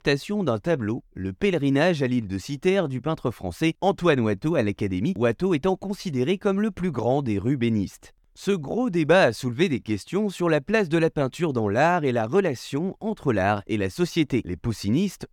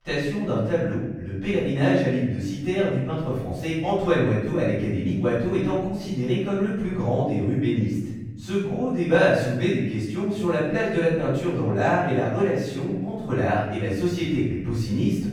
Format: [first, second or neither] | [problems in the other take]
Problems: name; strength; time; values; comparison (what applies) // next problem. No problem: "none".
first | off-mic speech; far // room echo; strong; dies away in 1.3 s